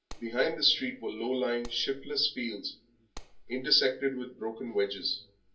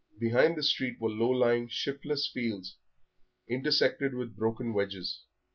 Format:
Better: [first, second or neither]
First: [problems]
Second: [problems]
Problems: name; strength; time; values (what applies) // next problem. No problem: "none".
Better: second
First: background sound (Clapping); 16 dB below the speech // room echo; dies away in 0.3 s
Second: none